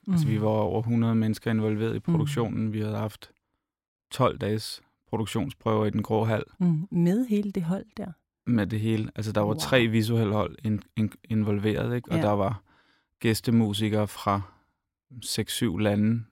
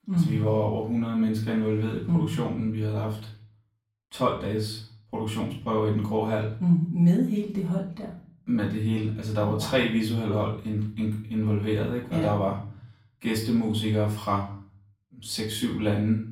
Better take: first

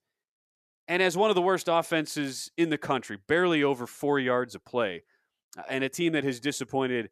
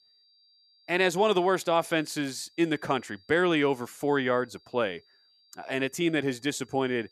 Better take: first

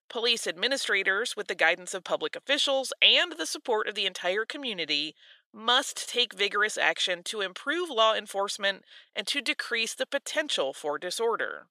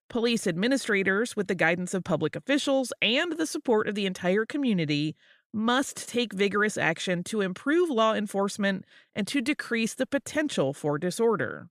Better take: second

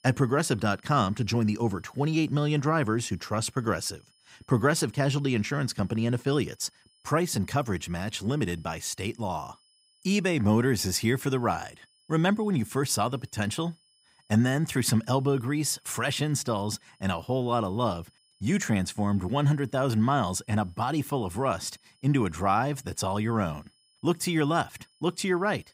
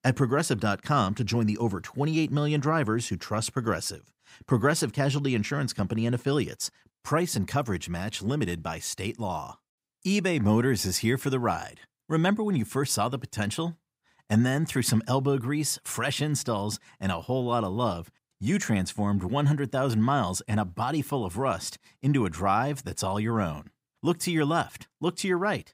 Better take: second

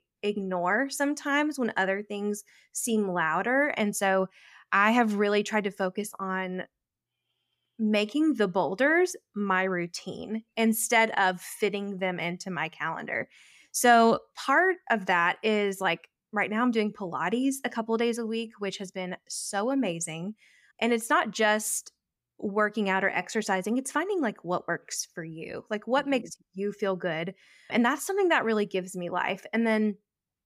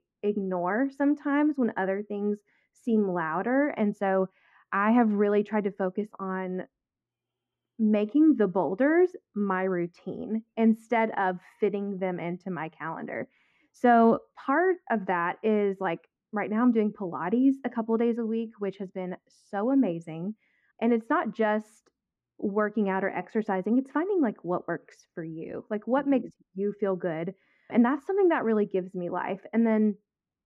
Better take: first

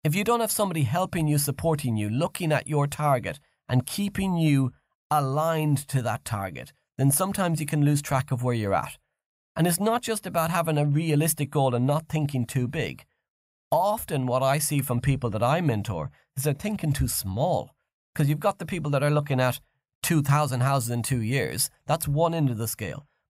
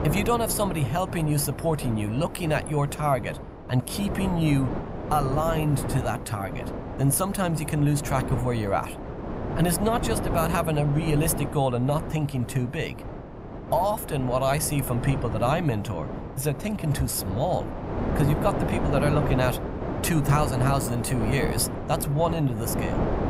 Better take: first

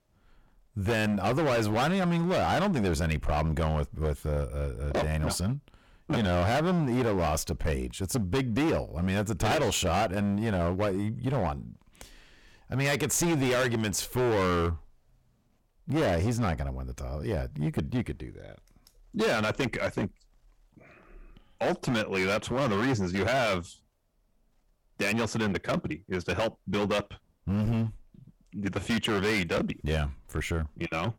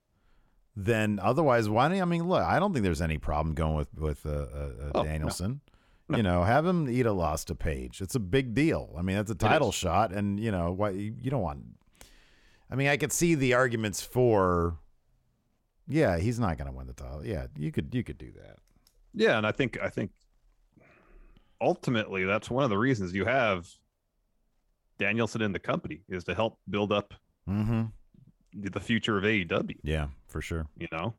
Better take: second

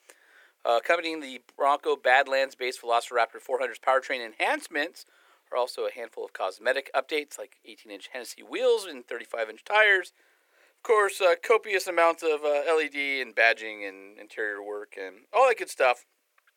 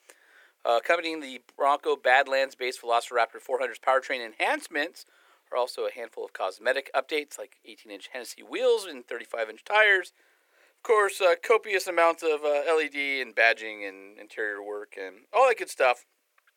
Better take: neither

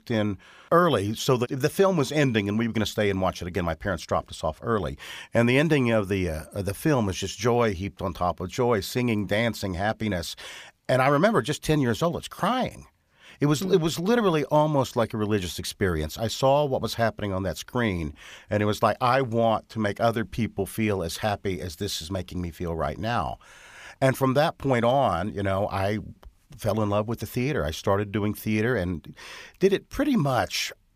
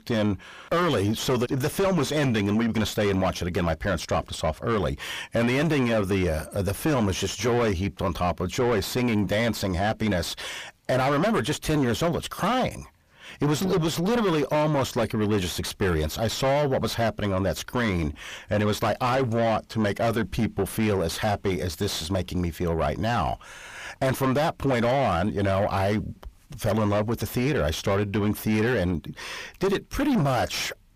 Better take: first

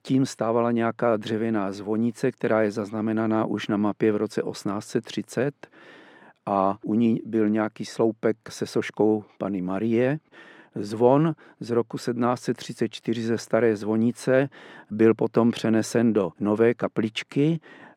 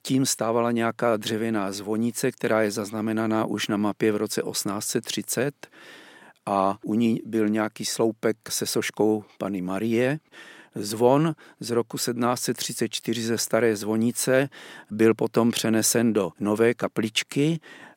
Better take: second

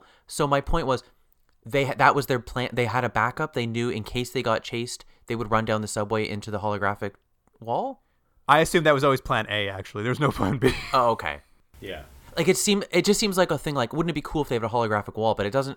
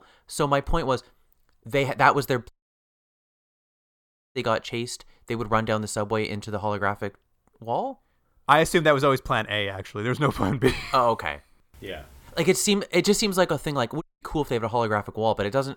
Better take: first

